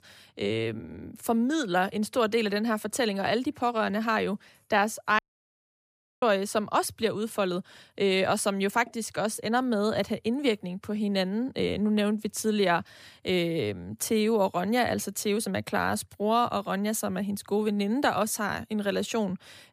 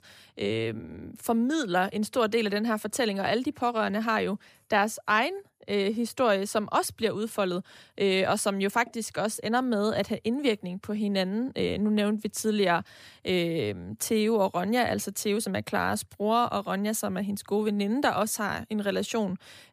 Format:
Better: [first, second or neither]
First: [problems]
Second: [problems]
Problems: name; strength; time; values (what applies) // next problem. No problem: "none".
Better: second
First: audio cutting out; at 5 s for 1 s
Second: none